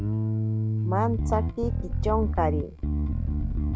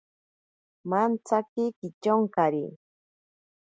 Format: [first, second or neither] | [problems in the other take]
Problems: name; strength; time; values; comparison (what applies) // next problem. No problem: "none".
second | background sound (Bass guitar); 5 dB above the speech